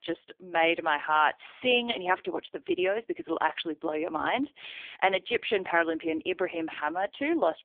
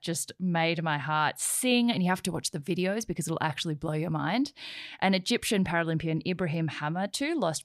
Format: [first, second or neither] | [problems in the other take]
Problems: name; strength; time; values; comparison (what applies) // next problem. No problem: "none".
second | phone-call audio; poor line; nothing above 3.5 kHz